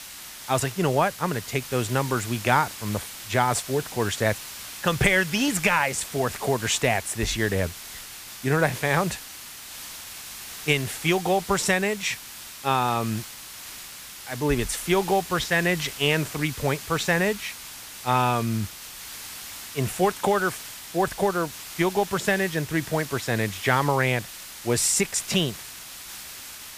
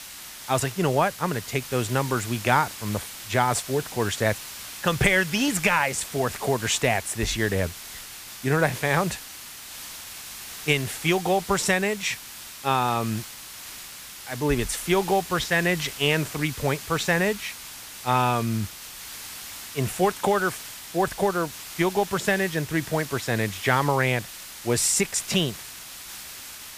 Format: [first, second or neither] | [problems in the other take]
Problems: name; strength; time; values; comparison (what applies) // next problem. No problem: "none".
neither | hiss; noticeable; throughout; 10 dB below the speech; the same in both